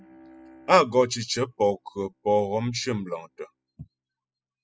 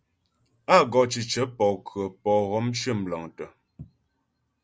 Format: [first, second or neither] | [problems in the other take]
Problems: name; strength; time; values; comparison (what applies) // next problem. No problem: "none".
second | noise reduction (classical method spectral subtraction)